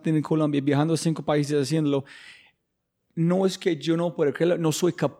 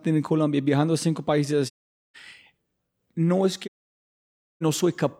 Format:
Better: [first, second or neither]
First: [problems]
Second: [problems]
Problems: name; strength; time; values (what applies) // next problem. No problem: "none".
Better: first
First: none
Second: audio cutting out; at 1.5 s and at 3.5 s for 1 s